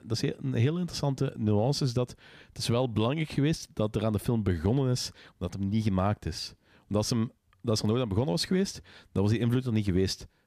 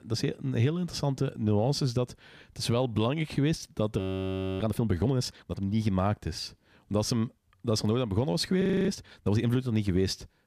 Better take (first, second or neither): first